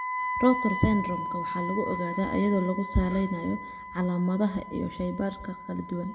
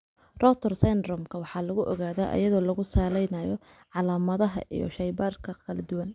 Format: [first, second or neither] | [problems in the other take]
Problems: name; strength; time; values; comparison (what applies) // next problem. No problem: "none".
second | background sound (Wind instrument, woodwind instrument); 7 dB below the speech // room echo; dies away in 0.9 s